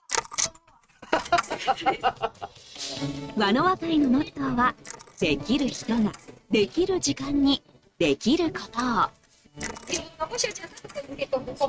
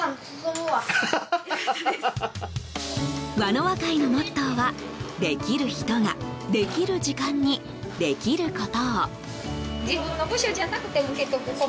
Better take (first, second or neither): second